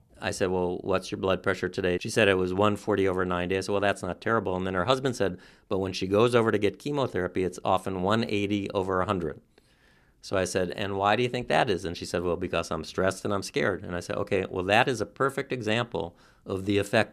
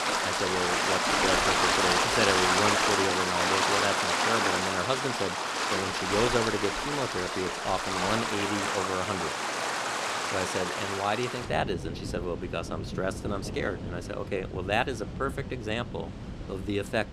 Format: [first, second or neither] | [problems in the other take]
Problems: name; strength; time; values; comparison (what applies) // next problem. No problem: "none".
first | rain or running water; very loud; throughout; 4 dB above the speech